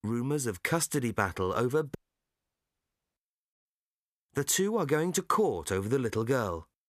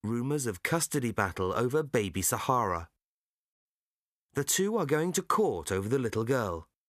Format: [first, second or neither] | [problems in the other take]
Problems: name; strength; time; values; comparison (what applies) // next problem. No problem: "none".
second | audio cutting out; at 2 s for 1 s